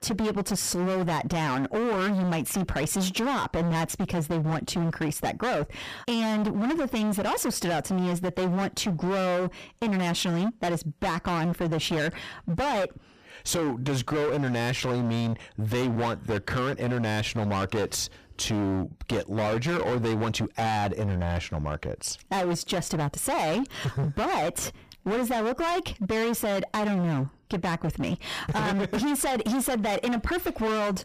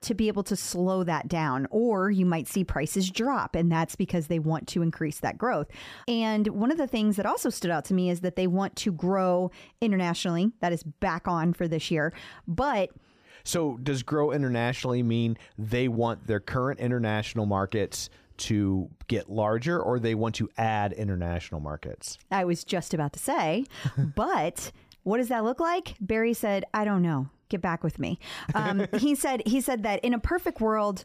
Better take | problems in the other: second | distortion; heavy; 32% of the sound clipped

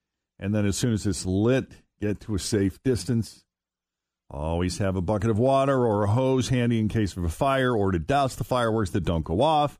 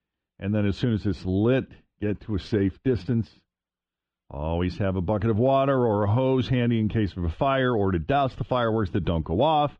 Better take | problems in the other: first | muffled; slightly; fading above 3.5 kHz

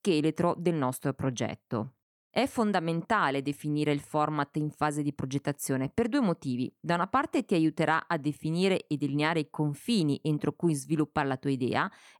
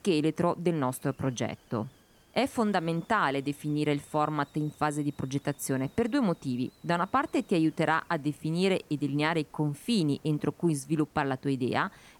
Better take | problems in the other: first | hiss; faint; throughout; 30 dB below the speech

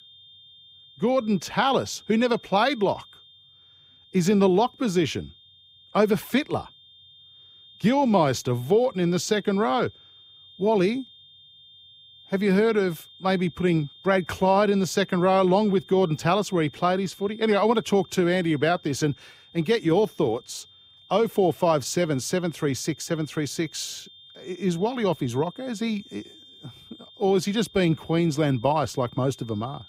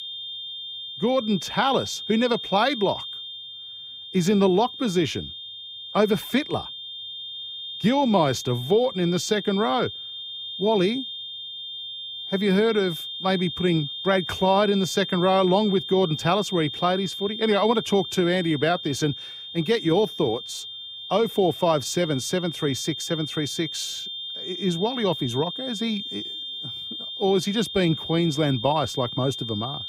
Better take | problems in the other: first | high-pitched whine; loud; throughout; 3.5 kHz, 8 dB below the speech; faint in the first

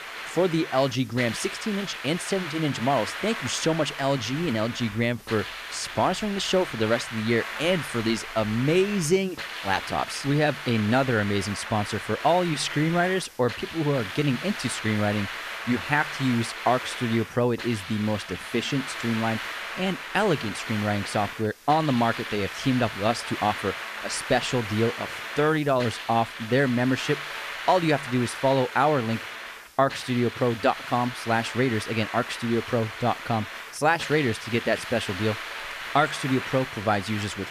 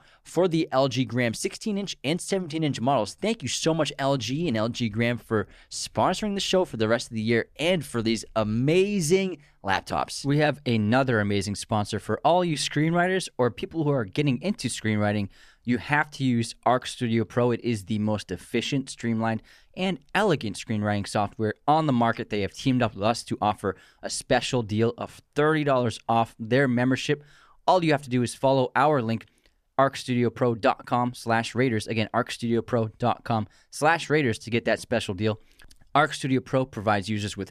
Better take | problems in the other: second | hiss; loud; throughout; 8 dB below the speech

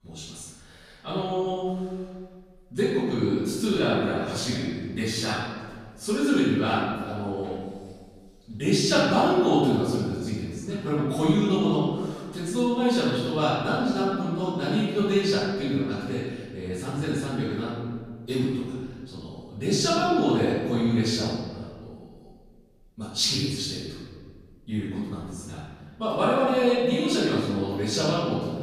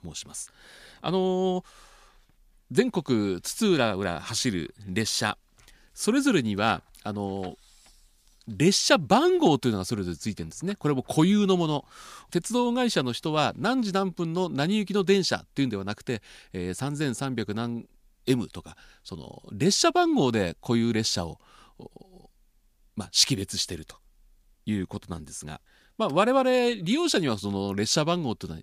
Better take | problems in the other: second | off-mic speech; far // room echo; strong; dies away in 1.5 s

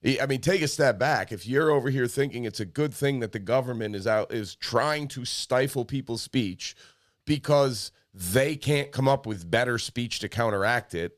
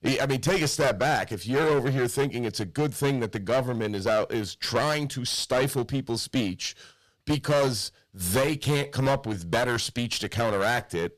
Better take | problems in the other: first | distortion; heavy; 14% of the sound clipped

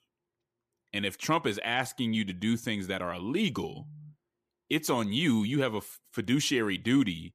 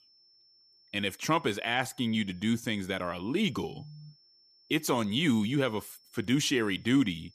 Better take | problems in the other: first | high-pitched whine; faint; throughout; 5.5 kHz, 30 dB below the speech

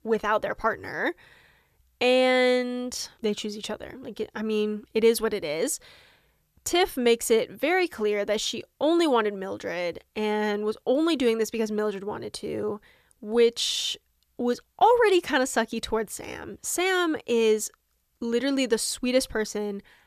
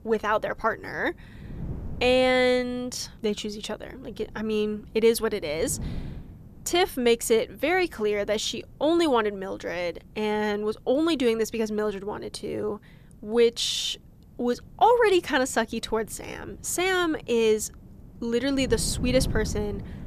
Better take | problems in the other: first | wind noise on the microphone; occasional gusts; 25 dB below the speech

